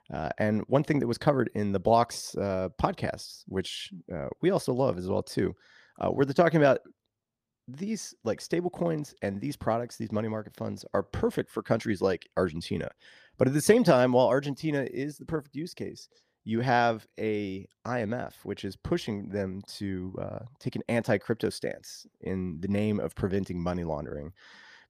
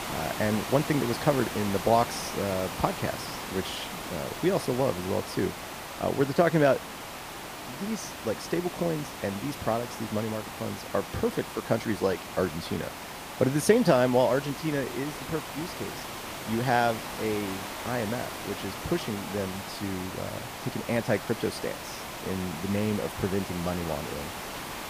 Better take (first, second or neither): first